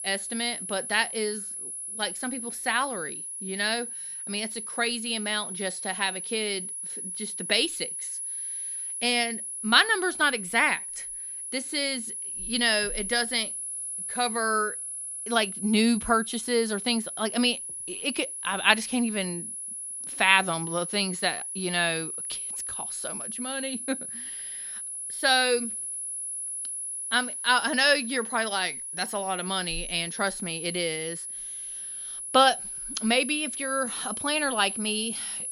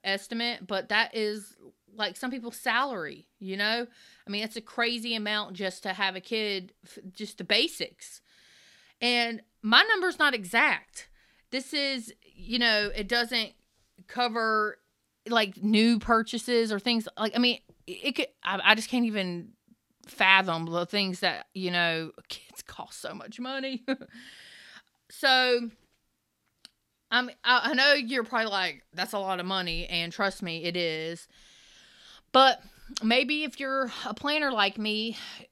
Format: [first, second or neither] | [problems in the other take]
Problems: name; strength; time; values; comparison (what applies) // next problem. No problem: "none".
second | high-pitched whine; loud; throughout; 10.5 kHz, 6 dB below the speech